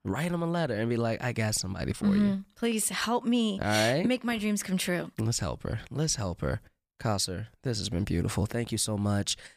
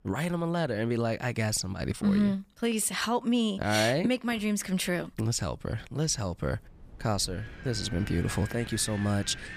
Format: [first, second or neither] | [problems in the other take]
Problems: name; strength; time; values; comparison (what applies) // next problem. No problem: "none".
first | wind in the background; noticeable; throughout; 15 dB below the speech